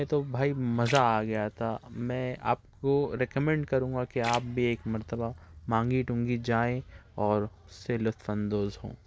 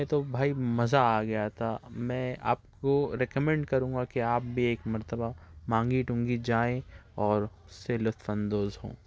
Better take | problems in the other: second | background sound (Splash, splatter); 18 dB below the speech

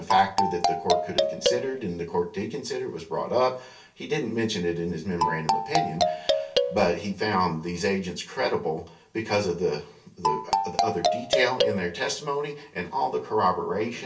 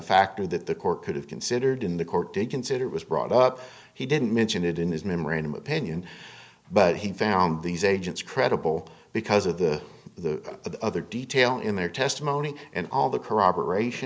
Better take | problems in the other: second | background sound (Marimba, xylophone); 2 dB above the speech // room echo; dies away in 0.2 s

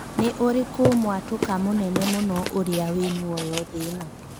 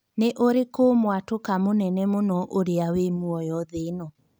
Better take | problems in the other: second | background sound (Burping, eructation); 6 dB below the speech

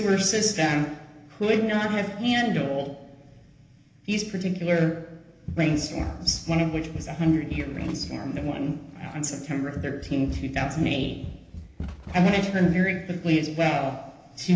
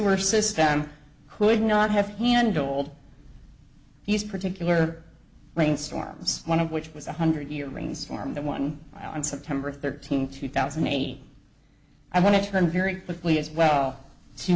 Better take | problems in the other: second | background sound (Run); 12 dB below the speech // room echo; dies away in 0.8 s

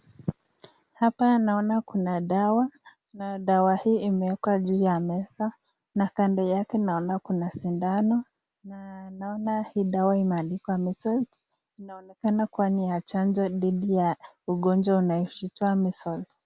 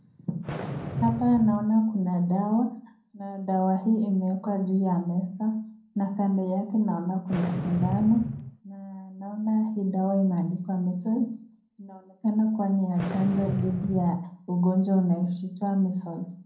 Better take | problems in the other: first | background sound (Fireworks); 6 dB below the speech // room echo; dies away in 0.6 s

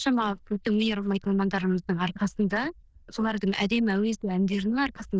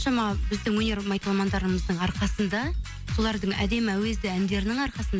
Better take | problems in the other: second | noise reduction (neural diffusion model UNIVERSE++)

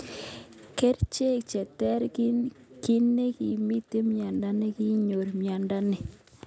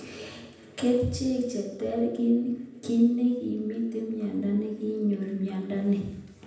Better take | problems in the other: first | room echo; dies away in 0.9 s

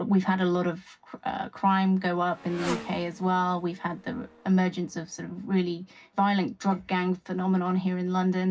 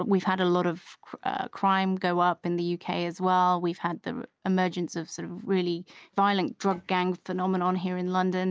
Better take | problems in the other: second | background sound (Motorcycle); 19 dB below the speech // room echo; dies away in 0.4 s

